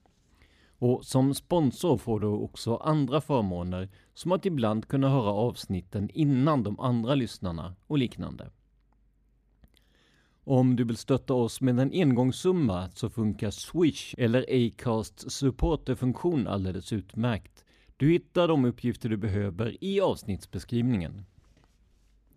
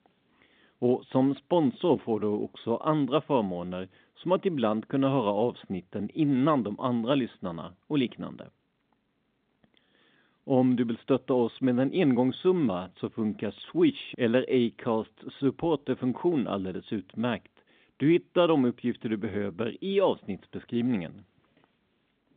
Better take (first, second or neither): first